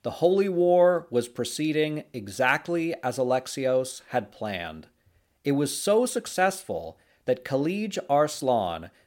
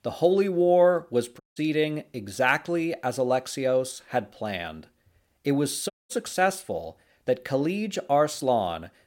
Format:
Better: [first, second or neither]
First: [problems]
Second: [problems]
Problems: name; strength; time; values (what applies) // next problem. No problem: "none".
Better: first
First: none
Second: audio cutting out; at 1.5 s and at 6 s